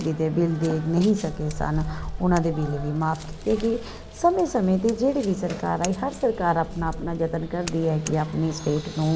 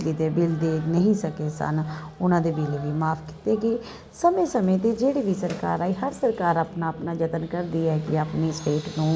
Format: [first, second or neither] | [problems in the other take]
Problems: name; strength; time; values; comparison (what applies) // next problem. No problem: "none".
second | background sound (Scissors); 12 dB below the speech